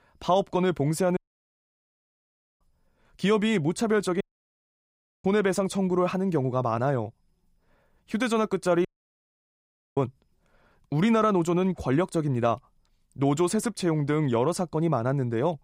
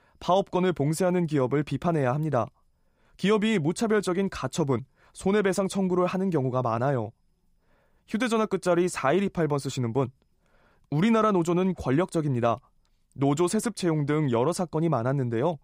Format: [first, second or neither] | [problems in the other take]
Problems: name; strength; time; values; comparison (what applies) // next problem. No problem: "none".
second | audio cutting out; at 1 s for 1.5 s, at 4 s for 1 s and at 9 s for 1 s